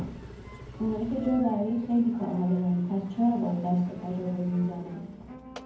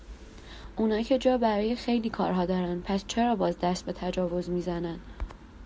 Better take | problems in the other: second | background sound (Engine); 17 dB below the speech // room echo; dies away in 0.9 s

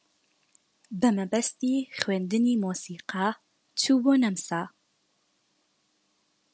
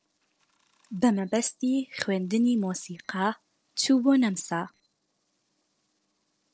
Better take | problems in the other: first | noise reduction (neural separator model SepFormer DNS4)

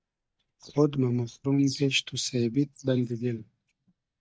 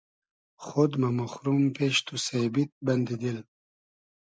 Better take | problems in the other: second | noise reduction (neural mask model DeepFilterNet 3)

